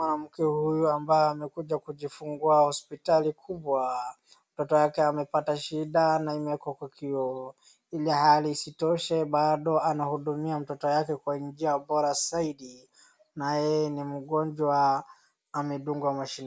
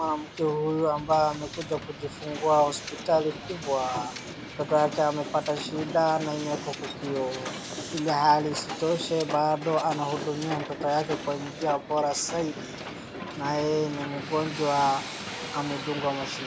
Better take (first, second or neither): first